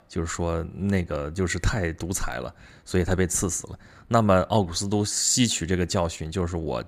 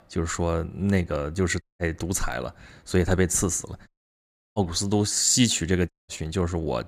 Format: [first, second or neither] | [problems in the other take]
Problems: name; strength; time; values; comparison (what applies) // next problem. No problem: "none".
first | audio cutting out; at 1.5 s, at 4 s for 0.5 s and at 6 s